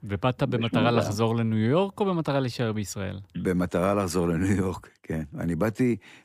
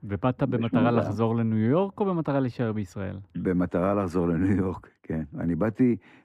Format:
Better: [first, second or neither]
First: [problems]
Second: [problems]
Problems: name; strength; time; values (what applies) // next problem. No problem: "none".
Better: first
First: none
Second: muffled; slightly; fading above 3 kHz